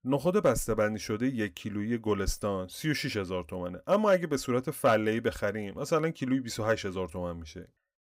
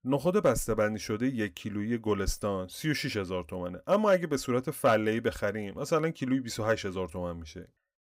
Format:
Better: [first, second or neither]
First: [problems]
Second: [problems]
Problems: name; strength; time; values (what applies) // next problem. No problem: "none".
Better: neither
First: none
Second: none